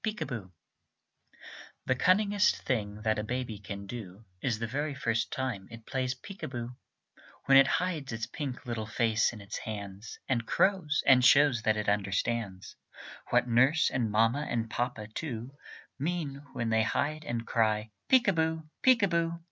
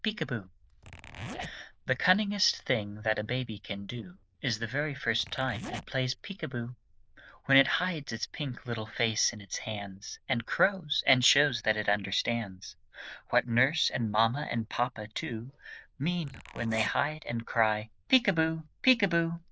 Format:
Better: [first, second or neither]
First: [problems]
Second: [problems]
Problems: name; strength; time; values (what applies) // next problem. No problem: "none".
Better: first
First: none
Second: noise reduction (neural diffusion model UNIVERSE++)